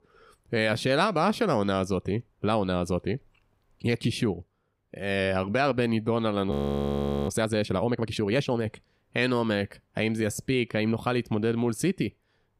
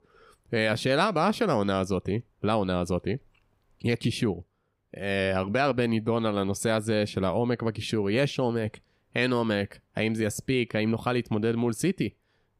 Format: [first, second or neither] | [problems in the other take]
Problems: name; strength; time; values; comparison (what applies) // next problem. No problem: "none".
second | audio freezing; at 6.5 s for 1 s